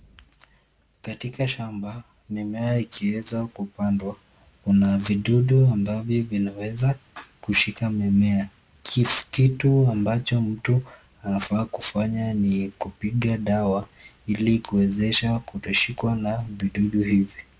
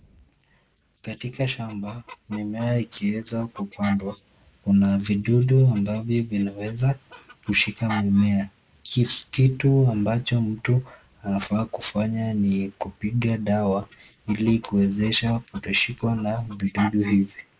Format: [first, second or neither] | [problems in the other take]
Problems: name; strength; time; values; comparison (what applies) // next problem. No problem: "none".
first | noise reduction (neural mask model Resemble Enhance denoiser)